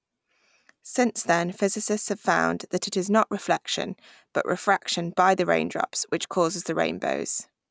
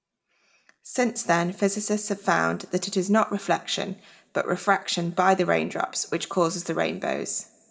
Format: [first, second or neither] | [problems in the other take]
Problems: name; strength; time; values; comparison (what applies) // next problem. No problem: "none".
first | room echo; dies away in 0.5 s